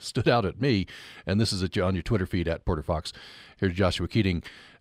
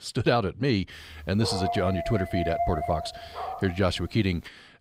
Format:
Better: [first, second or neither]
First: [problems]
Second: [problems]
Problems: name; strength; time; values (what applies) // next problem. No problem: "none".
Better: first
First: none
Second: dog barking; noticeable; from 1 to 3.5 s; peak 2 dB below the speech